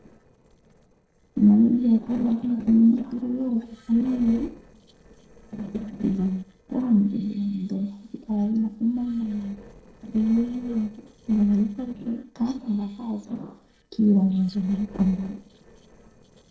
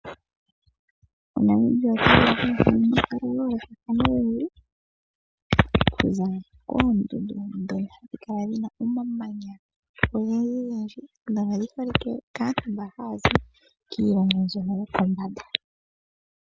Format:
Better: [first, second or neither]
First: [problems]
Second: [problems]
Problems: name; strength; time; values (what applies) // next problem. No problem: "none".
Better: second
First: noise reduction (neural separator model SepFormer DNS4)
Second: none